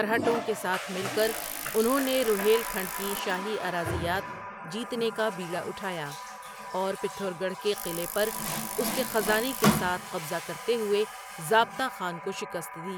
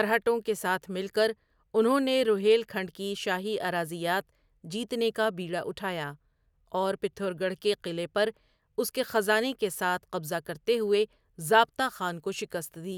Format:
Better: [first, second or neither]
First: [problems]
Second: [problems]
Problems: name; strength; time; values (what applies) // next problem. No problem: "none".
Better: second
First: background sound (Water tap, faucet + Bicycle); 5 dB below the speech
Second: none